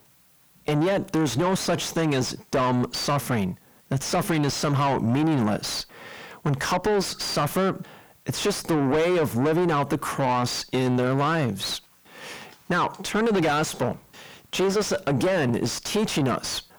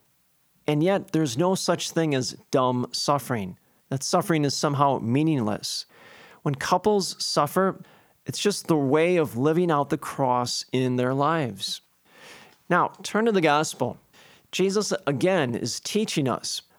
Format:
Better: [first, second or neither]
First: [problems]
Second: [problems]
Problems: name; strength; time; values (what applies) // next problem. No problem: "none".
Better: second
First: distortion; heavy; 5 dB below the speech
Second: none